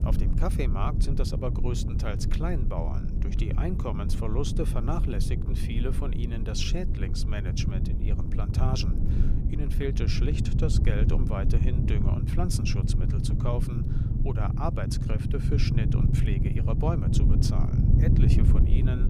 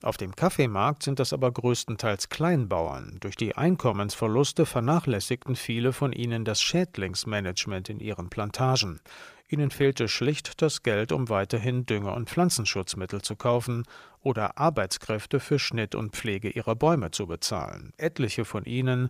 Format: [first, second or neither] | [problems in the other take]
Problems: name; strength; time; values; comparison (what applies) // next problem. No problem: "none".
second | low rumble; loud; throughout; 3 dB below the speech